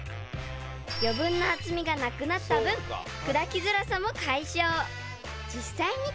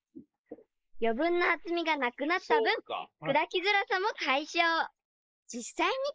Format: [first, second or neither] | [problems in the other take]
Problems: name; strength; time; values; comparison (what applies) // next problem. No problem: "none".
first | noise reduction (neural mask model Resemble Enhance denoiser)